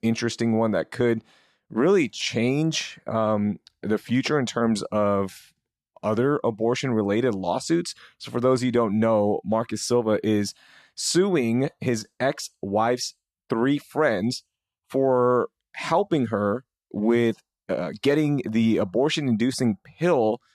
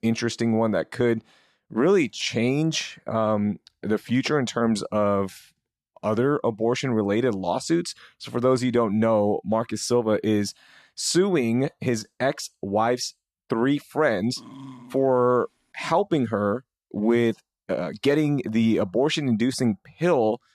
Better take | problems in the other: first | dog barking; faint; at 14 s; peak 20 dB below the speech

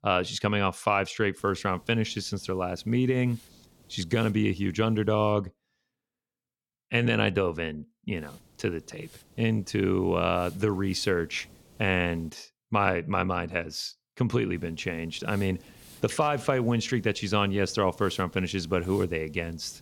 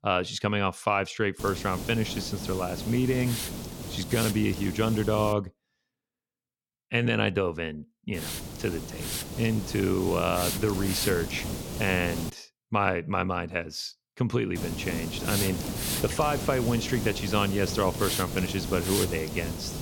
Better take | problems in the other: first | hiss; loud; from 1.5 to 5.5 s, from 8 to 12 s and from 15 s on; 5 dB below the speech; faint in the first

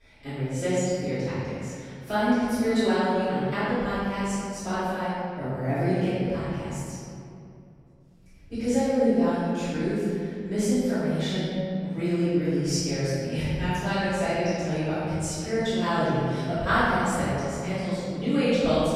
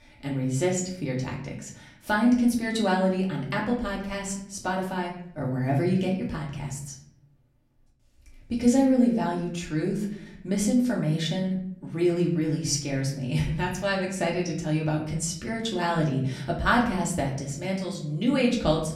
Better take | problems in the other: second | room echo; strong; dies away in 2.4 s; slight in the second // off-mic speech; far; far in the second

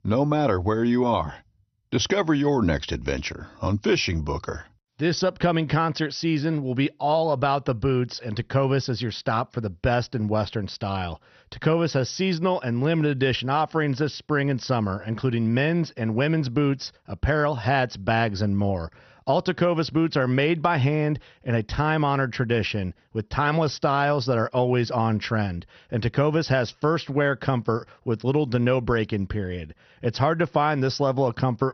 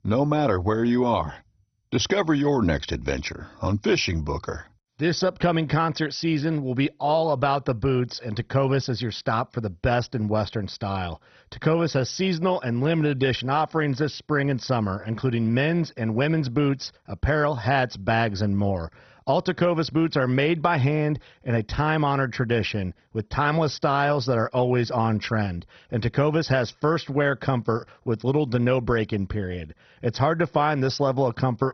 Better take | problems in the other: first | garbled, watery; badly; nothing above 6 kHz; slightly in the first

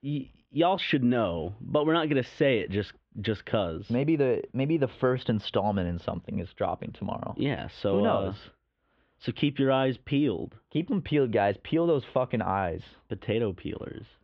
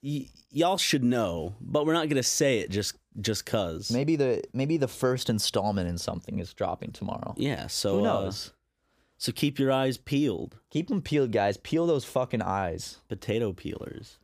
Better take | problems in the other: second | muffled; very; fading above 3 kHz

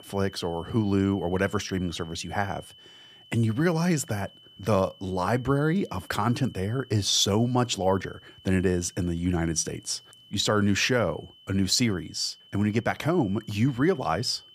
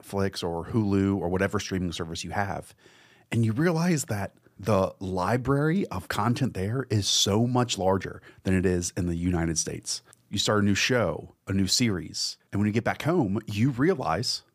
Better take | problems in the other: second | high-pitched whine; faint; throughout; 3 kHz, 25 dB below the speech

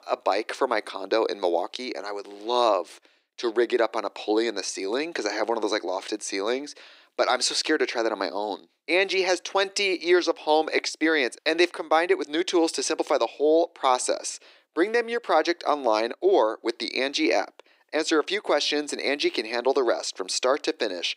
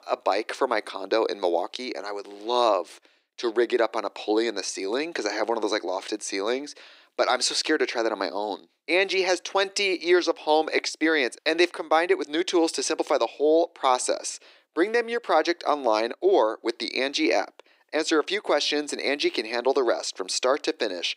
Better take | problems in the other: neither | thin; very; fading below 350 Hz; the same in both

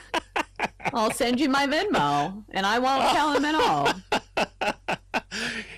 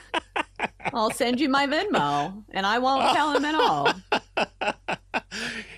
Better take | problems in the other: second | distortion; slight; 9% of the sound clipped

